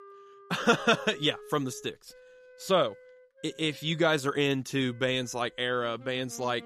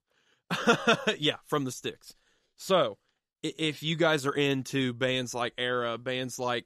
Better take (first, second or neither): second